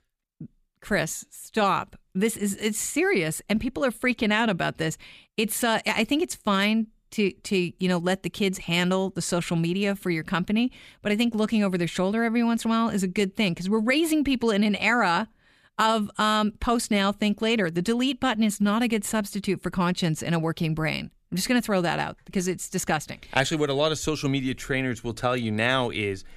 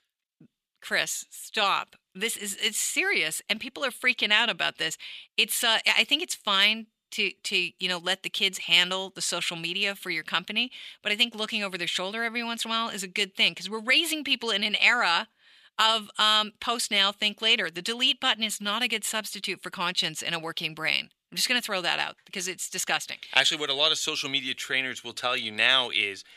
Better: first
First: none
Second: thin; somewhat; fading below 1 kHz

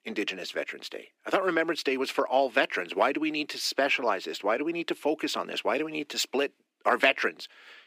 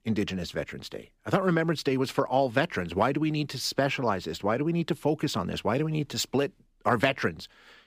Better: second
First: thin; somewhat; fading below 300 Hz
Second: none

